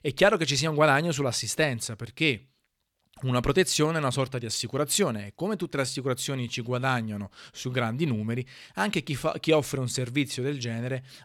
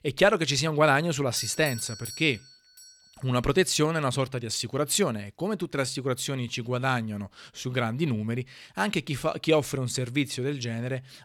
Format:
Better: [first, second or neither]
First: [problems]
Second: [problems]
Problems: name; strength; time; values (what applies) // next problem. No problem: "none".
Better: first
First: none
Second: doorbell; noticeable; from 1.5 to 3 s; peak 8 dB below the speech